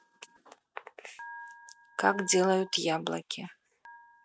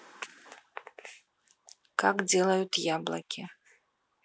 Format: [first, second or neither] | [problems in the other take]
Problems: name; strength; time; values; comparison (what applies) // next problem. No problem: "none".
second | noise reduction (neural mask model RNNoise)